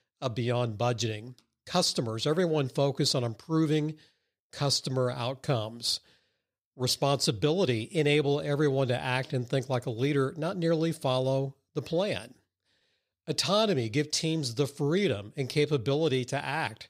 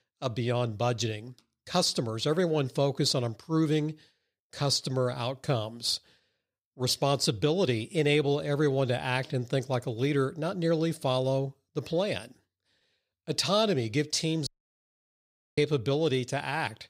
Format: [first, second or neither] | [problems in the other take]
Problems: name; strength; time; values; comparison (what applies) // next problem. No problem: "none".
first | audio cutting out; at 14 s for 1 s